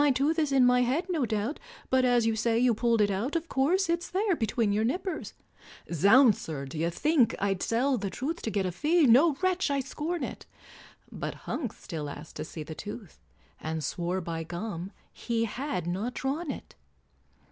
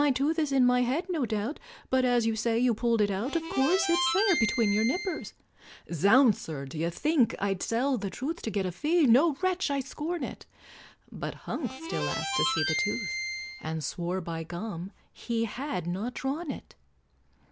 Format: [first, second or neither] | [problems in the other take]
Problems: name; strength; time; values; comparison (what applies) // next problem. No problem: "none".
first | background sound (Harmonica); 4 dB below the speech